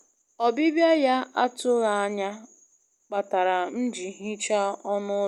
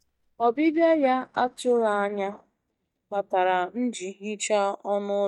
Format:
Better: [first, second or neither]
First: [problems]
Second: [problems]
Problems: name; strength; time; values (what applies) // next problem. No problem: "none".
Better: first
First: none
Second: noise reduction (neural mask model DeepFilterNet 3)